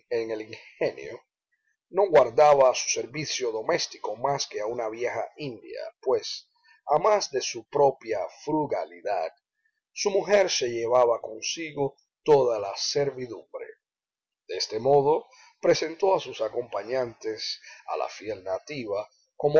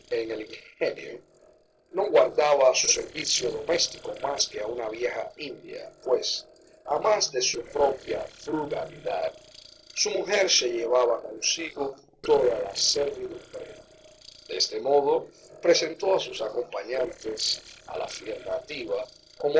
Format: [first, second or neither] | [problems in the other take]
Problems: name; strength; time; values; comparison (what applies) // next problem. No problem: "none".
first | noise reduction (neural separator model SepFormer DNS4)